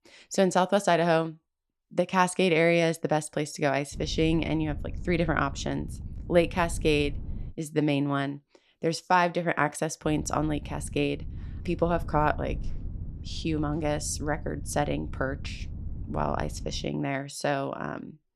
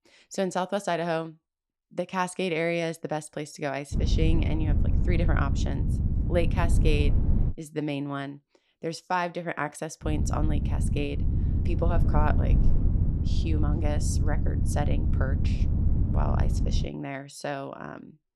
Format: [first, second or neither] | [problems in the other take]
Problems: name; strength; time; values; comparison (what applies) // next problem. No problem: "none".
first | low rumble; loud; from 4 to 7.5 s and from 10 to 17 s; 8 dB below the speech; faint in the first